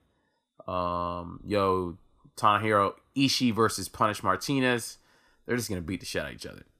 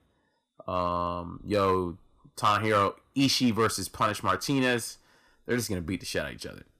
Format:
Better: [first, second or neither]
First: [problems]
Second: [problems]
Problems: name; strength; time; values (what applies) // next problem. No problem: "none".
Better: first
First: none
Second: distortion; slight; 2% of the sound clipped